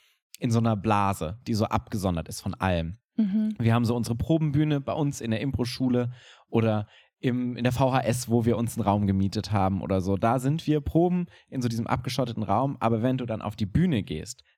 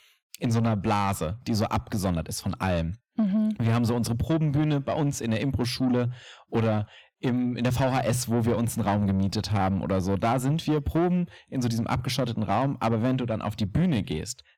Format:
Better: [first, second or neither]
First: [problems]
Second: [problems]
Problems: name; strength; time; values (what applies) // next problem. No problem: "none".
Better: first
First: none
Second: distortion; slight; 10 dB below the speech